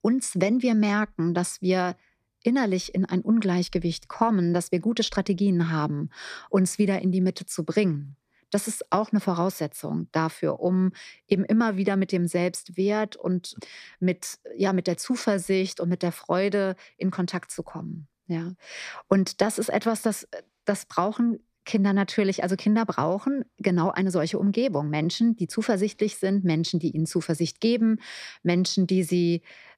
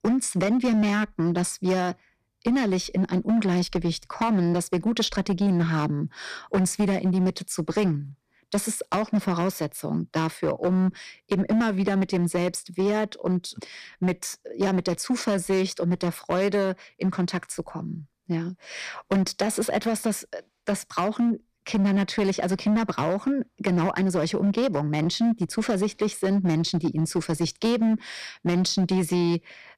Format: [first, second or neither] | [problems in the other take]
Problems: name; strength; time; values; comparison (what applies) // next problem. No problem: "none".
first | distortion; slight; 10% of the sound clipped